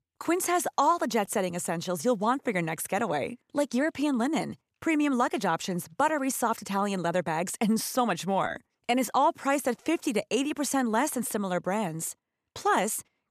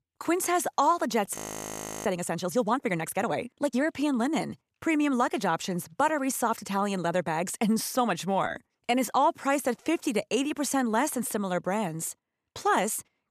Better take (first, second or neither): first